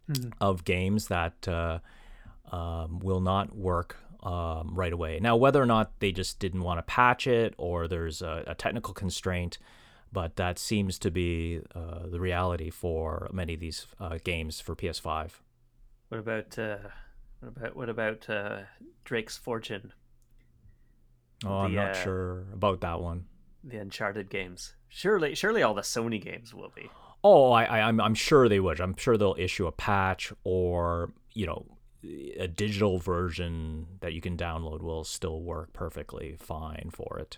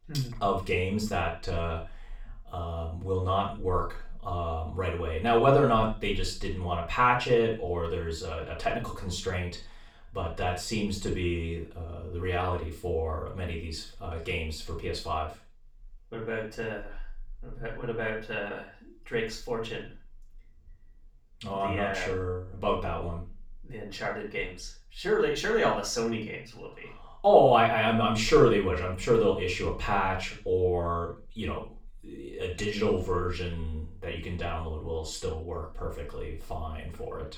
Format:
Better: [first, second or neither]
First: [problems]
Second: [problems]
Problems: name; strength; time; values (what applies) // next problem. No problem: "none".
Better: first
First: none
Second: room echo; slight; dies away in 0.3 s // off-mic speech; far